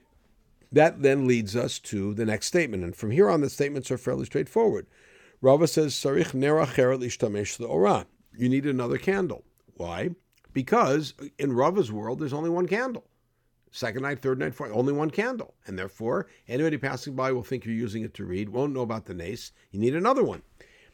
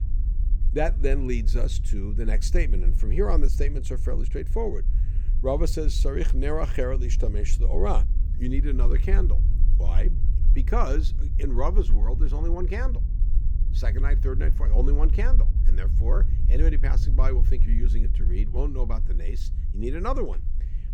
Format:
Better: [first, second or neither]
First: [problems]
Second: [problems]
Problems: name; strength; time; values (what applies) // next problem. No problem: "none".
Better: first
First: none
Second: low rumble; noticeable; throughout; 15 dB below the speech